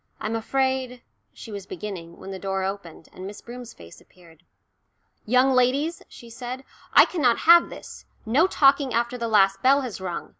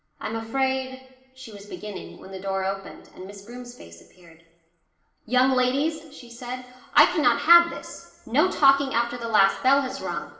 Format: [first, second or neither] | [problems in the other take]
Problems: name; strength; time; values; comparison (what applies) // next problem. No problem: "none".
first | room echo; dies away in 1 s